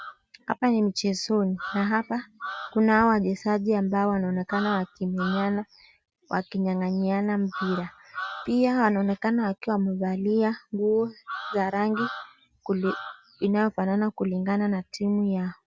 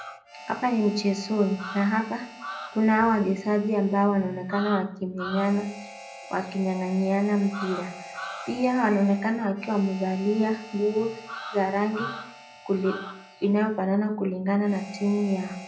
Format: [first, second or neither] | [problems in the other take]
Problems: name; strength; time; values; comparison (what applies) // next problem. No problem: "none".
first | background sound (Harmonica); 19 dB below the speech // room echo; dies away in 0.4 s